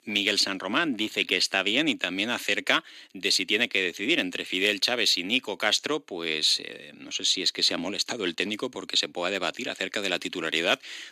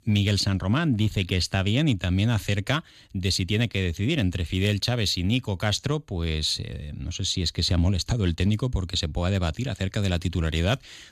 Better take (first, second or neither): second